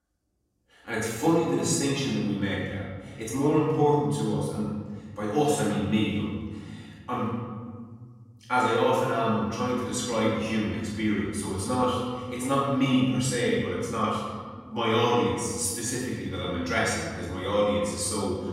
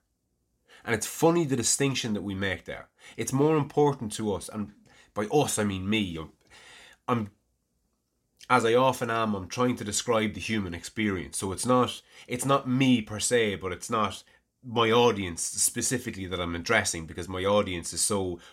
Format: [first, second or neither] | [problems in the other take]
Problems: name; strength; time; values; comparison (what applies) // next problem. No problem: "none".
second | off-mic speech; far // room echo; noticeable; dies away in 1.8 s